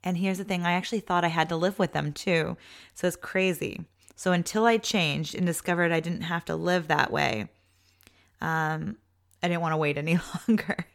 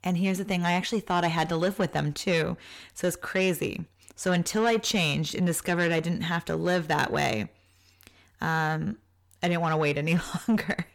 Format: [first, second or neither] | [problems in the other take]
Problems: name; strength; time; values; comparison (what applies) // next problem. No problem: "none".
first | distortion; slight; 10 dB below the speech